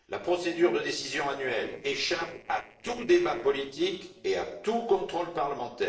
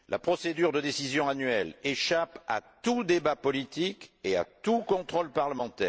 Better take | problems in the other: second | noise reduction (neural separator model SepFormer DNS4)

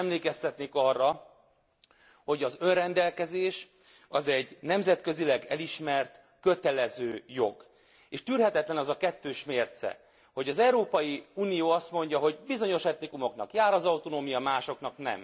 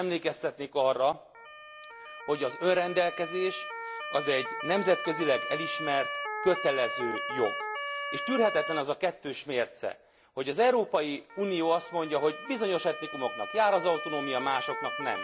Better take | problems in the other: first | background sound (Motor vehicle (road) / Siren); 8 dB below the speech

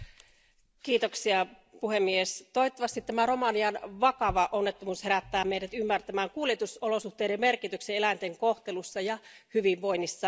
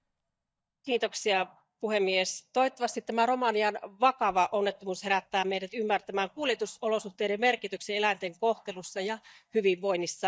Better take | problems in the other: first | noise reduction (neural mask model DeepFilterNet 3)

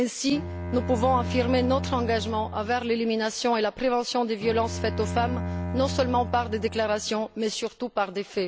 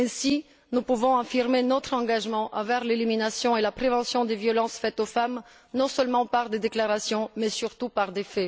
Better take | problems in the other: second | background sound (Bowed string instrument); 7 dB below the speech

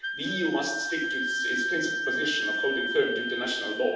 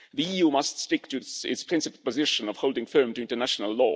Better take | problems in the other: second | background sound (Wind instrument, woodwind instrument); as loud as the speech // room echo; dies away in 0.9 s

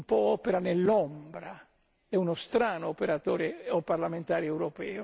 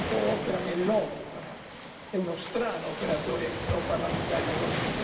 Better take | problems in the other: first | background sound (Waves, surf); 3 dB below the speech // room echo; dies away in 1.4 s

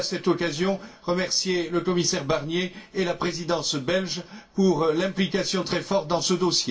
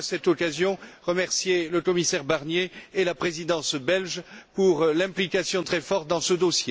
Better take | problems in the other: second | room echo; dies away in 0.2 s

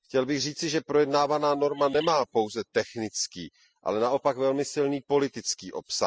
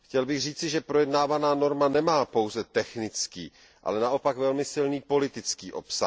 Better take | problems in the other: second | noise reduction (classical method spectral subtraction)

